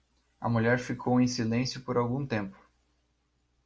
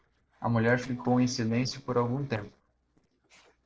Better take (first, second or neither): first